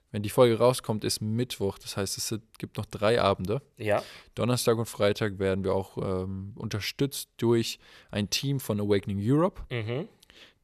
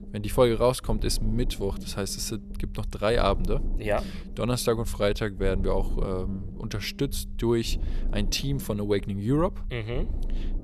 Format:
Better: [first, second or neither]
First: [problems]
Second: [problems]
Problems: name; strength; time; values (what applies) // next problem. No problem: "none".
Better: first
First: none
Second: low rumble; noticeable; throughout; 20 dB below the speech